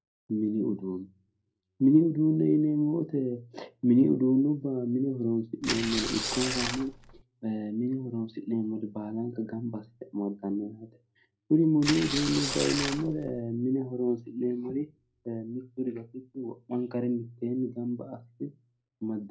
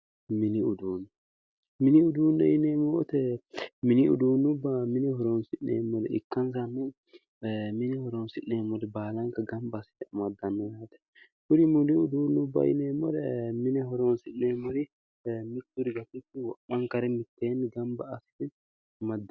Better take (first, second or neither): second